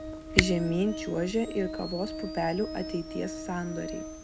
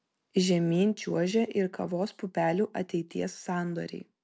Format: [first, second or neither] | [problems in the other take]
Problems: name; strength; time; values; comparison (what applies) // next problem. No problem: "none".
second | background sound (Organ + Camera); 4 dB below the speech